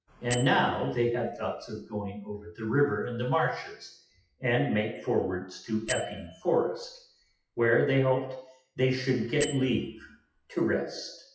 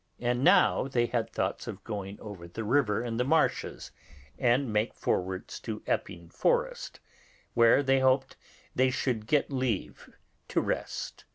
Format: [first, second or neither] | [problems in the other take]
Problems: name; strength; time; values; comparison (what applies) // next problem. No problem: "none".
second | noise reduction (classical method WPE with log-MMSE)